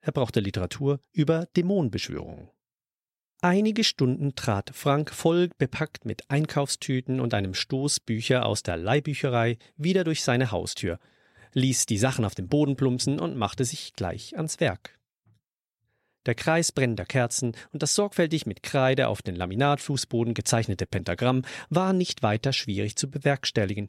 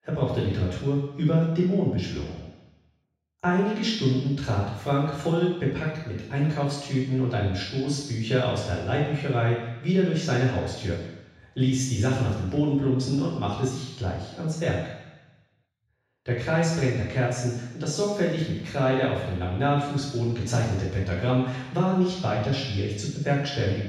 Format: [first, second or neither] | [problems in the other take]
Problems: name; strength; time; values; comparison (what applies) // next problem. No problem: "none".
first | room echo; strong; dies away in 1.1 s // off-mic speech; far